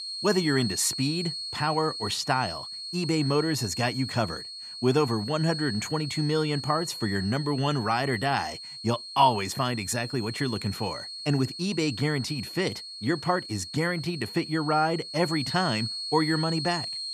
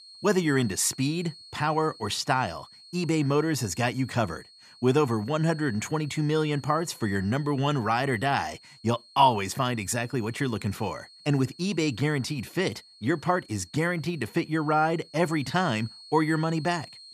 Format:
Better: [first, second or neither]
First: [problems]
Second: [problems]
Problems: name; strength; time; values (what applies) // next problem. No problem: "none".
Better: second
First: high-pitched whine; loud; throughout; 4.5 kHz, 7 dB below the speech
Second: high-pitched whine; faint; throughout; 4.5 kHz, 20 dB below the speech